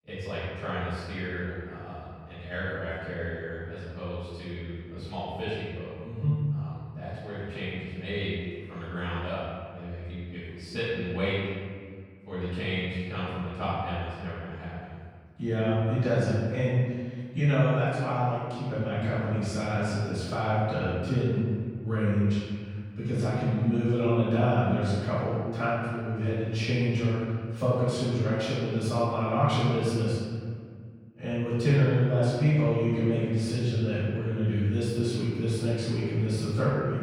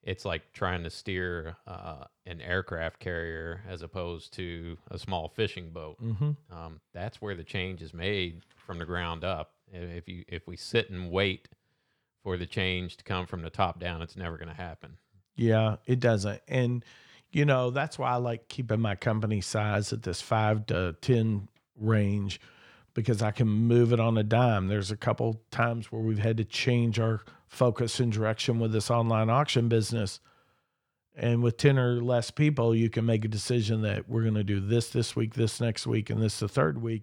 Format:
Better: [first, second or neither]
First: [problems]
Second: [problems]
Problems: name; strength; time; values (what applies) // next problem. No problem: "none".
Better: second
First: off-mic speech; far // room echo; strong; dies away in 1.8 s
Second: none